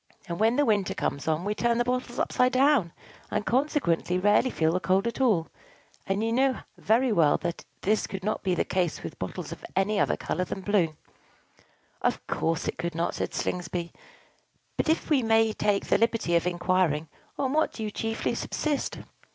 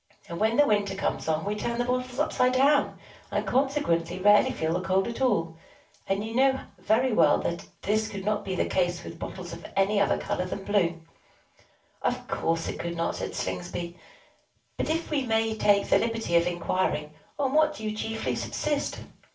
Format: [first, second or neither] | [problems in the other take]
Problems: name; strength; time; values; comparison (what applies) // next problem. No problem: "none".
first | room echo; dies away in 0.3 s